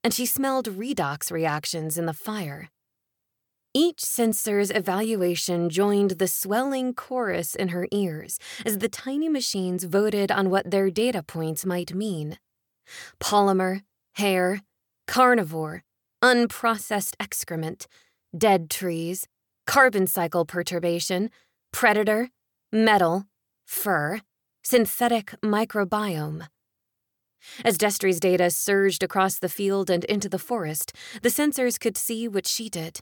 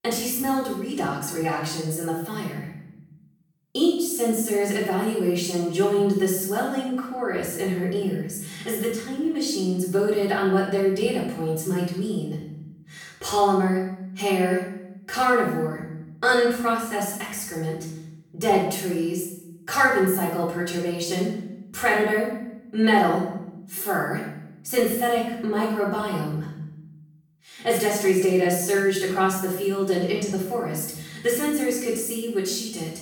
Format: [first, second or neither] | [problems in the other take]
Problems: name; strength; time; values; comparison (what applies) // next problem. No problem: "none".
first | off-mic speech; far // room echo; noticeable; dies away in 0.9 s